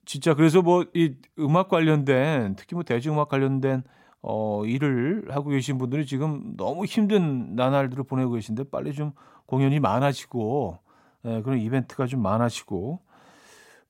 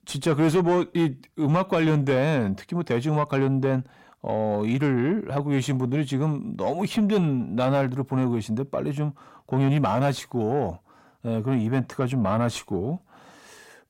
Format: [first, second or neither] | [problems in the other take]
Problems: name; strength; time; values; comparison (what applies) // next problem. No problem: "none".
first | distortion; slight; 10 dB below the speech